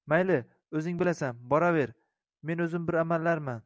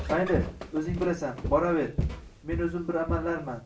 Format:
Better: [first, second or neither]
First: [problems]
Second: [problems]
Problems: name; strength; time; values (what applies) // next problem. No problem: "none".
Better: first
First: none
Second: background sound (Walk, footsteps); 5 dB below the speech // room echo; dies away in 0.3 s